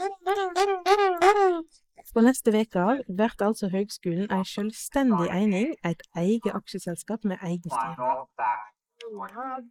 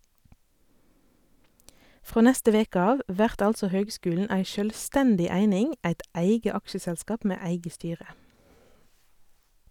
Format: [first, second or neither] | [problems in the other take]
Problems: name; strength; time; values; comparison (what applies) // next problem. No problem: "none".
second | noise reduction (neural mask model Resemble Enhance denoiser)